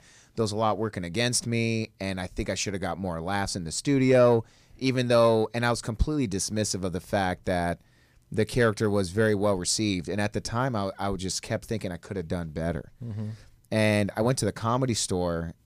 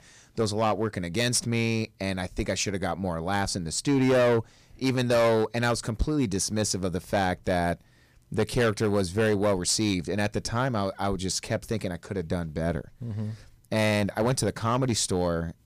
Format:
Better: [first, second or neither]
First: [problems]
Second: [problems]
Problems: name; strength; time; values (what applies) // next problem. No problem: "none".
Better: first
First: none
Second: distortion; slight; 6% of the sound clipped